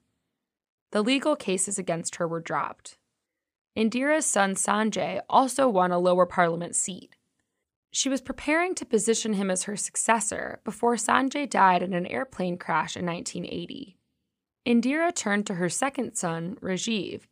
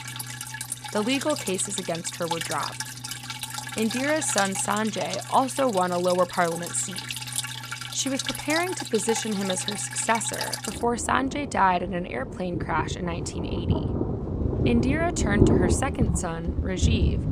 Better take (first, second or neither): first